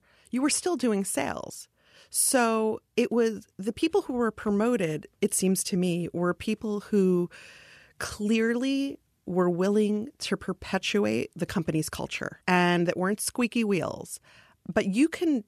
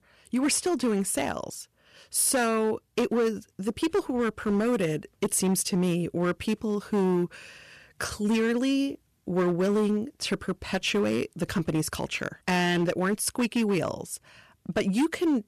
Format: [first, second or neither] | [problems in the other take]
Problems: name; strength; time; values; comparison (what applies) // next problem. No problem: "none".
first | distortion; slight; 9% of the sound clipped